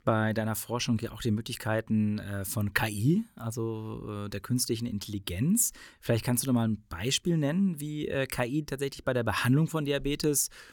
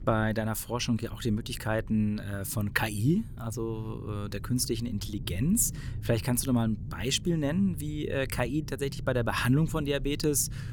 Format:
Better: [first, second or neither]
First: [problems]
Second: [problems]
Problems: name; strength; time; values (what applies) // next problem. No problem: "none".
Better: first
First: none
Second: low rumble; faint; throughout; 20 dB below the speech